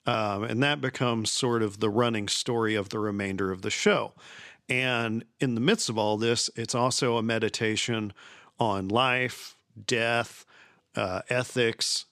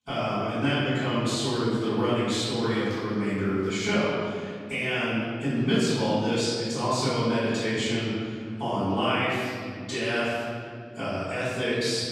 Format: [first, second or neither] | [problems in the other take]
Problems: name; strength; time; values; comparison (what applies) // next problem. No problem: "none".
first | off-mic speech; far // room echo; strong; dies away in 2.3 s